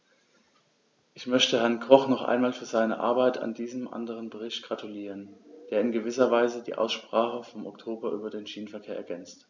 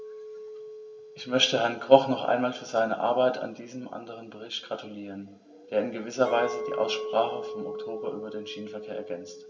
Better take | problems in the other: first | background sound (Chink, clink); 11 dB below the speech // room echo; dies away in 1.5 s

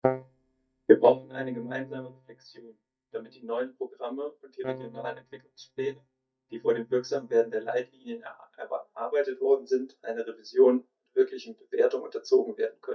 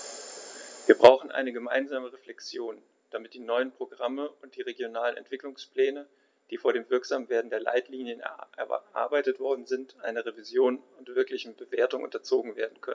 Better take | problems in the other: second | noise reduction (neural mask model DeepFilterNet 3)

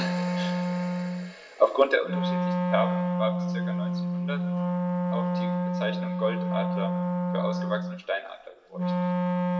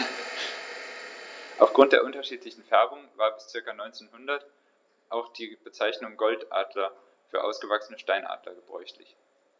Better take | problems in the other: second | background sound (Wind instrument, woodwind instrument); 4 dB above the speech // room echo; dies away in 1 s

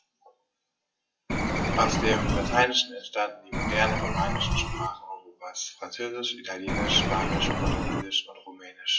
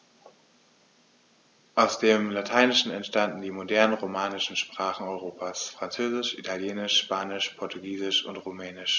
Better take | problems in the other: second | noise reduction (classical method WPE with log-MMSE)

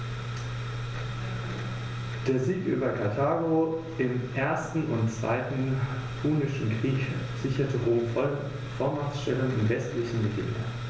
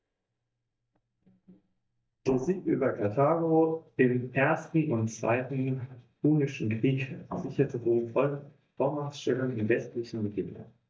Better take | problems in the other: first | noise reduction (neural mask model DeepFilterNet 3)

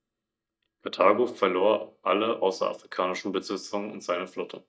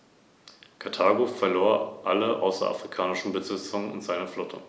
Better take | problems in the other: second | noise reduction (neural mask model DeepFilterNet 3)

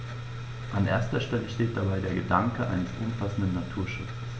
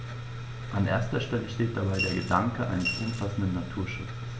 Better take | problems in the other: first | background sound (Coin (dropping) / Glass); 7 dB below the speech

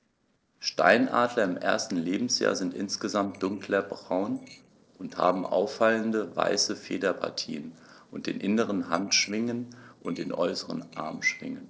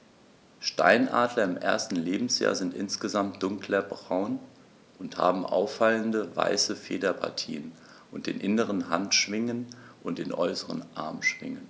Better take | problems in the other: second | noise reduction (neural separator model SepFormer DNS4)

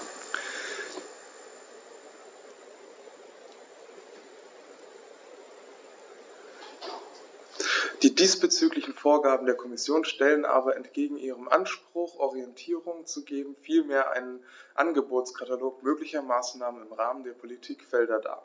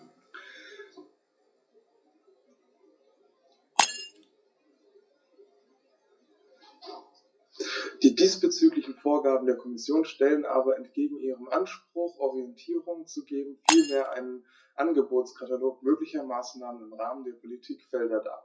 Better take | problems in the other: first | noise reduction (classical method WPE with log-MMSE)

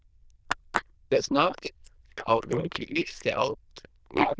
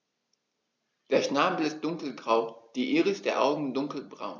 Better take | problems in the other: second | noise reduction (neural diffusion model UNIVERSE++)

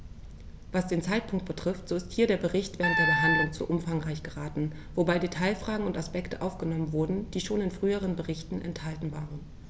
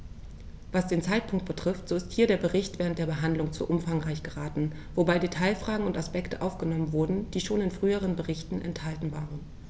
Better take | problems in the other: second | background sound (Wind instrument, woodwind instrument); 2 dB above the speech

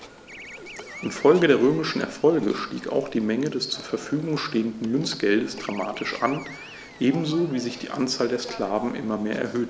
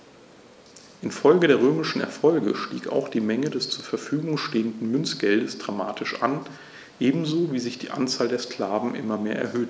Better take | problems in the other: second | background sound (Telephone + Animal); 18 dB below the speech

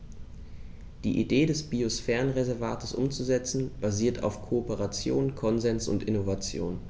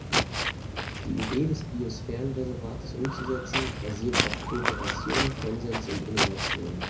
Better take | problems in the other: first | background sound (Walk, footsteps); 2 dB above the speech // room echo; dies away in 0.5 s

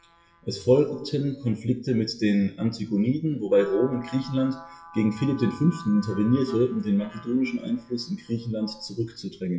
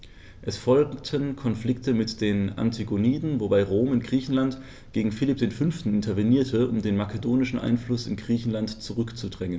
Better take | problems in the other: second | noise reduction (classical method WPE with log-MMSE)

